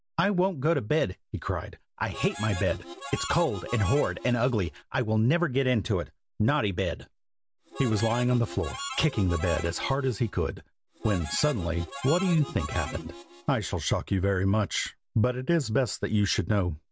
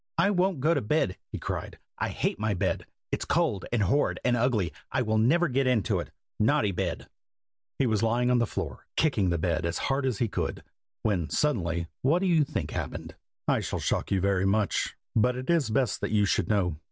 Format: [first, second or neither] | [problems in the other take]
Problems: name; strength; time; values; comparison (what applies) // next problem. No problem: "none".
second | background sound (Harmonica); 12 dB below the speech